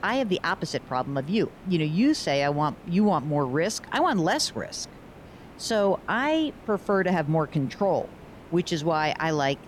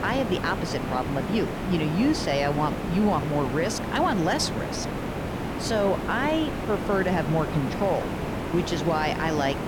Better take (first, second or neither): first